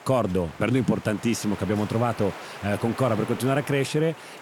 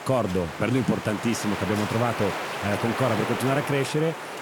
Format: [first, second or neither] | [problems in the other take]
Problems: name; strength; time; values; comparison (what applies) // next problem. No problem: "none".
first | wind noise on the microphone; heavy; 2 dB below the speech; occasional gusts in the first